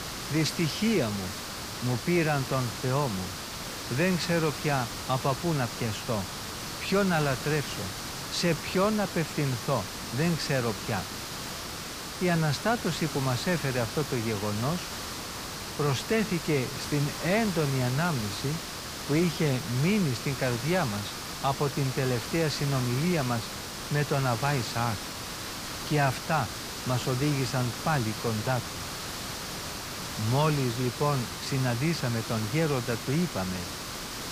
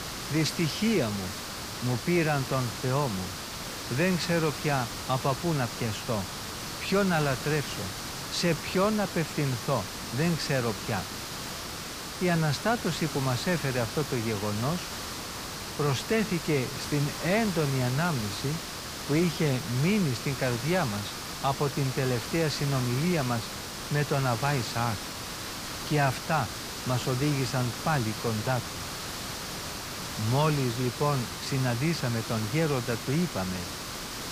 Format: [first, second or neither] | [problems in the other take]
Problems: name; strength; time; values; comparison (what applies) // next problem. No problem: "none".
neither | hiss; loud; throughout; 6 dB below the speech; the same in both